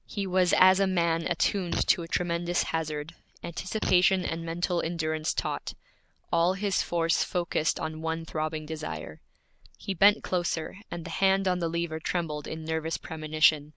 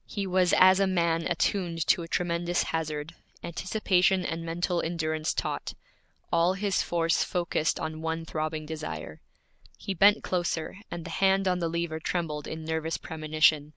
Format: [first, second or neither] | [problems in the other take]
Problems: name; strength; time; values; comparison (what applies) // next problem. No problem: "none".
second | background sound (Fart); 10 dB below the speech